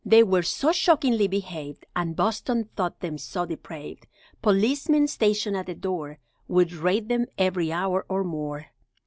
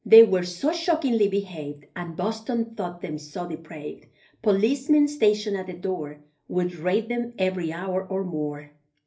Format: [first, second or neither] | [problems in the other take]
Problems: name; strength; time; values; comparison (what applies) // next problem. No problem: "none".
first | room echo; dies away in 0.3 s